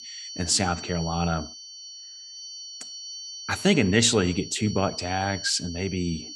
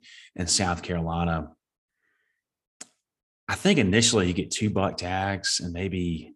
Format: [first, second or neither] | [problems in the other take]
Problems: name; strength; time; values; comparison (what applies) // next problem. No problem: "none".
second | high-pitched whine; noticeable; throughout; 4.5 kHz, 10 dB below the speech